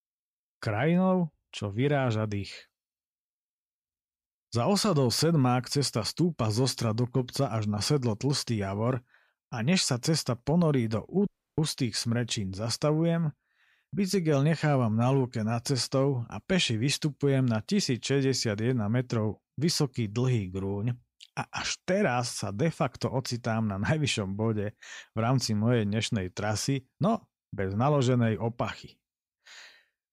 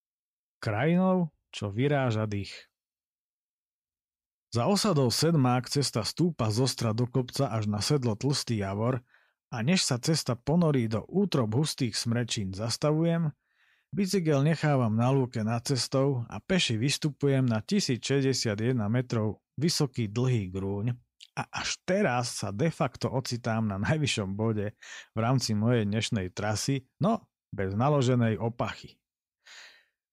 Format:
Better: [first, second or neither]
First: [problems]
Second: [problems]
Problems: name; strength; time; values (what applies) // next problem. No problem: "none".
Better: second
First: audio cutting out; at 11 s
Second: none